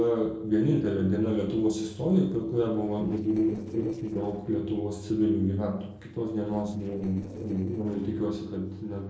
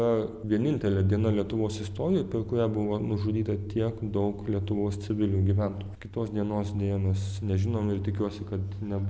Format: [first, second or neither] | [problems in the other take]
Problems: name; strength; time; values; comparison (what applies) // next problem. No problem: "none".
second | noise reduction (neural separator model SepFormer DNS4)